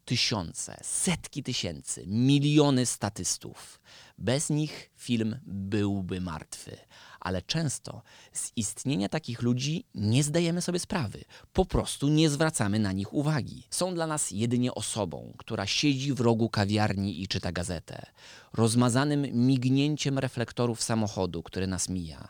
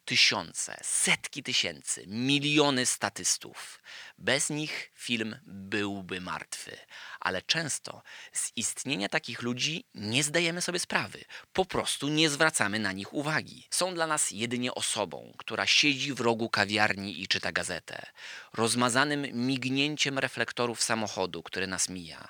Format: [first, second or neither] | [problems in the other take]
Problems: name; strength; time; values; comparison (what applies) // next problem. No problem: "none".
first | thin; somewhat; fading below 1 kHz